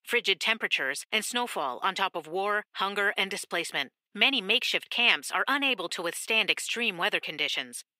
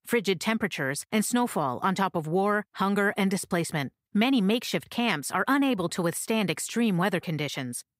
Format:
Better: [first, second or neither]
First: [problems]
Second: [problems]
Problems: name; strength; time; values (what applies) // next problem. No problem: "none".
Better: second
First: thin; somewhat; fading below 450 Hz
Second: none